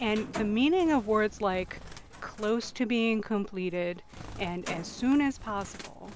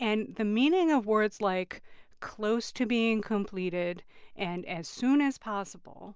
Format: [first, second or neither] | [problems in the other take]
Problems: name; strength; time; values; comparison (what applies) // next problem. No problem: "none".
second | background sound (Bird); 15 dB below the speech